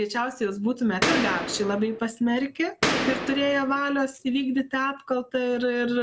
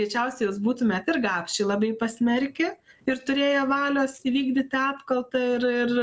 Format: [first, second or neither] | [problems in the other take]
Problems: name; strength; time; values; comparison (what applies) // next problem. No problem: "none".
second | background sound (Boom); 2 dB below the speech